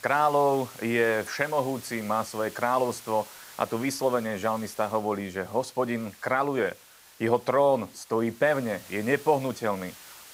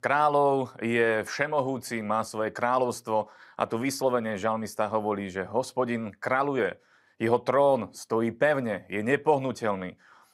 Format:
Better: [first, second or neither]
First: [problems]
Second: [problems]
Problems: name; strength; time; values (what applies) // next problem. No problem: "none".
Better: second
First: hiss; noticeable; throughout; 20 dB below the speech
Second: none